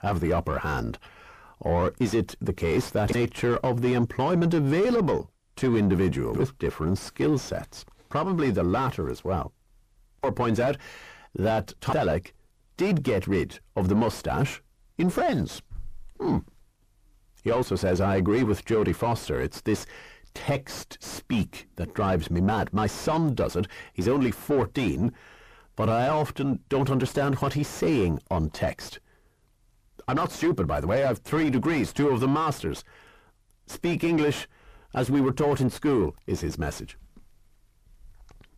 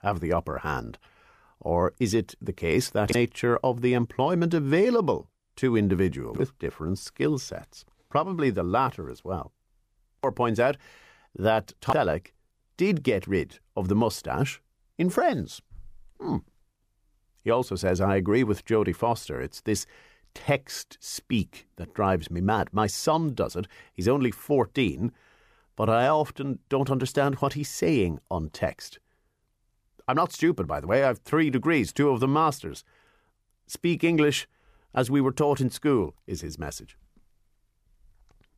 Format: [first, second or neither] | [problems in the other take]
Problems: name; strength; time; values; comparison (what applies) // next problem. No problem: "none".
second | distortion; heavy; 6 dB below the speech